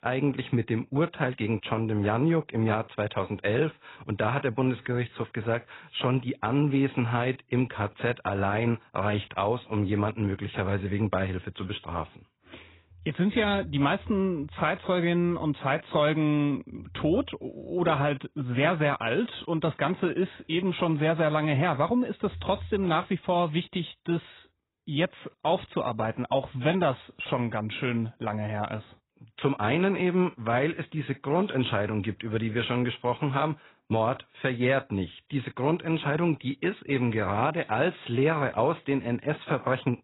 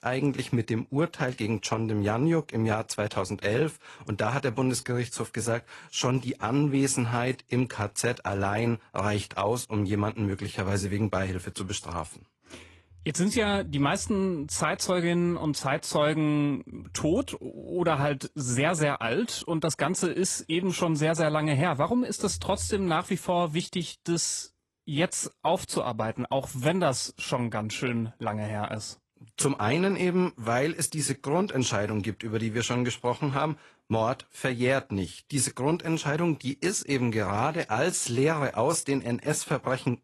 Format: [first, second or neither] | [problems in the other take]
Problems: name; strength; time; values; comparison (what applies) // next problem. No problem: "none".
second | garbled, watery; badly; nothing above 4 kHz; slightly in the second